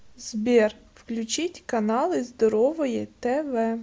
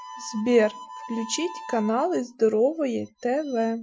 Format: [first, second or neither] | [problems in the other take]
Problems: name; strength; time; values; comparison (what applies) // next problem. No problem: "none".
first | noise reduction (classical method Wiener filter)